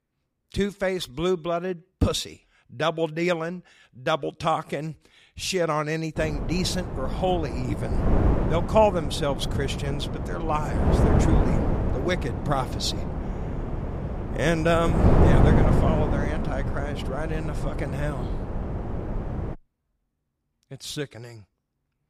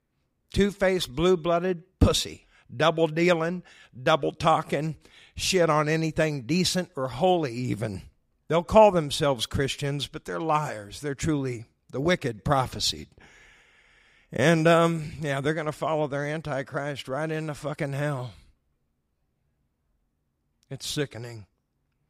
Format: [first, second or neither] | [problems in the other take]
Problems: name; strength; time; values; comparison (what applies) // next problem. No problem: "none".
second | wind noise on the microphone; heavy; from 6 to 20 s; 4 dB below the speech